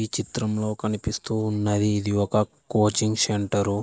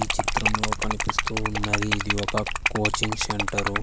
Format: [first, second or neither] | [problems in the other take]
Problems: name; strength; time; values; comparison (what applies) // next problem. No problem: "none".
first | background sound (Liquid); 4 dB above the speech